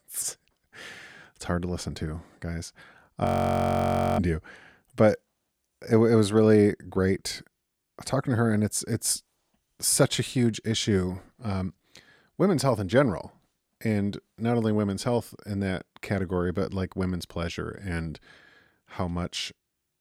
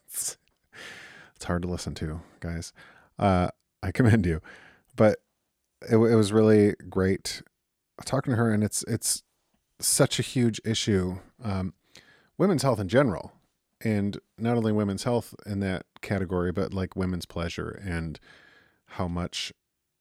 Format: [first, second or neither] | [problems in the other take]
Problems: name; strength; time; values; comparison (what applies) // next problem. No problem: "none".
second | audio freezing; at 3.5 s for 1 s